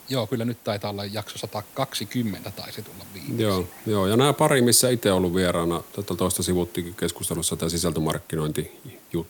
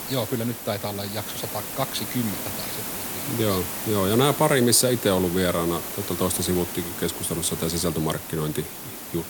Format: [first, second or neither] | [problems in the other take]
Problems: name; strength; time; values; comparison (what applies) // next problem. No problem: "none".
first | hiss; loud; throughout; 6 dB below the speech; faint in the first